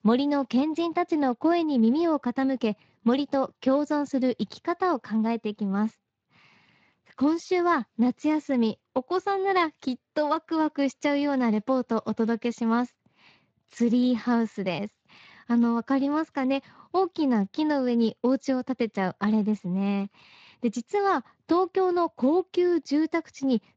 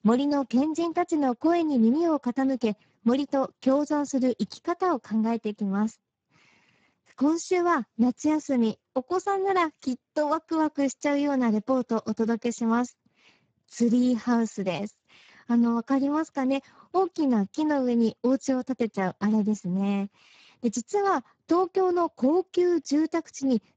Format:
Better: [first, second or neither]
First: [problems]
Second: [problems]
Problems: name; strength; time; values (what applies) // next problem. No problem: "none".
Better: first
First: garbled, watery; slightly; nothing above 7.5 kHz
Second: garbled, watery; badly; nothing above 7.5 kHz